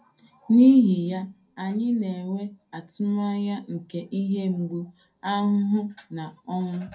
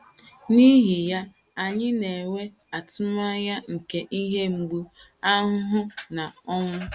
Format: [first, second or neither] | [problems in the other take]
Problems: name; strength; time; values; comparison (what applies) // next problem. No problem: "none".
second | room echo; dies away in 0.3 s